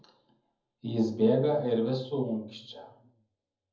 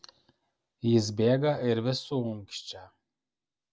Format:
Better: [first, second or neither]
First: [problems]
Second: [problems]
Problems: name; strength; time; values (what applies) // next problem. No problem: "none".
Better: second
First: room echo; dies away in 0.7 s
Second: none